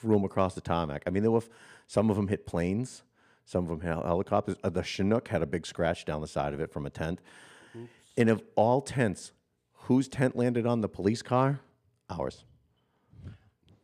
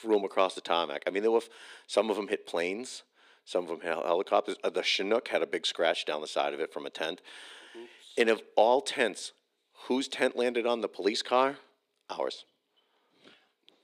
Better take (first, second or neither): first